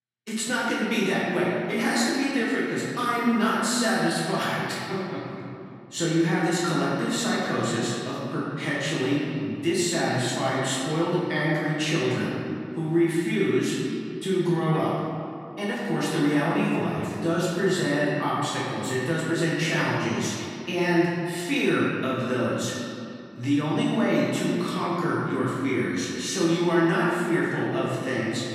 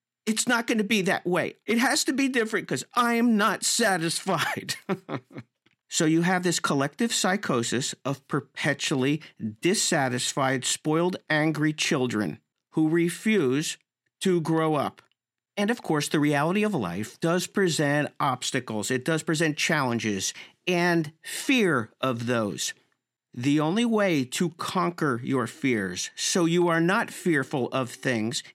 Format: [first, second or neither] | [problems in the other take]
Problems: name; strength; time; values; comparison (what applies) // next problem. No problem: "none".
second | off-mic speech; far // room echo; strong; dies away in 2.2 s